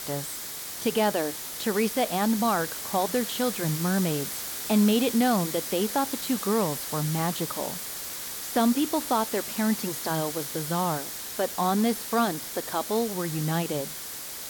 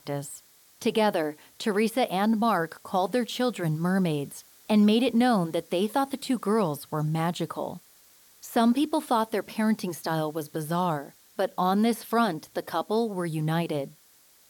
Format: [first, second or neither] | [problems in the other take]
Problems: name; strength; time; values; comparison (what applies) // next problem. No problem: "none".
second | hiss; loud; throughout; 5 dB below the speech; faint in the second